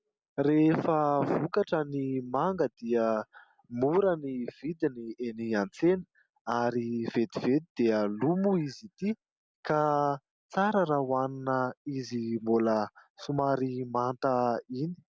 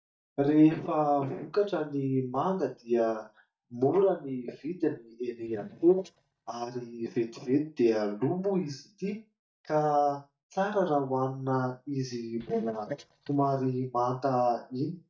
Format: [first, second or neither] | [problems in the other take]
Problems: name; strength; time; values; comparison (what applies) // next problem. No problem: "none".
first | noise reduction (neural mask model DeepFilterNet 3)